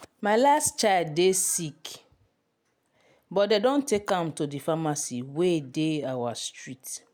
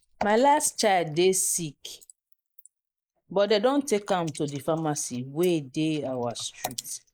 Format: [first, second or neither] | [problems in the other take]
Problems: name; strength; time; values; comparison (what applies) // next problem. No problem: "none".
first | noise reduction (neural mask model Resemble Enhance denoiser)